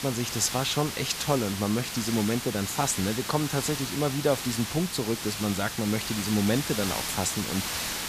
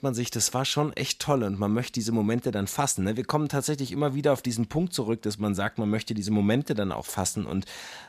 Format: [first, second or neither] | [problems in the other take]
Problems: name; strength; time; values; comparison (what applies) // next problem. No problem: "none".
second | hiss; loud; throughout; 4 dB below the speech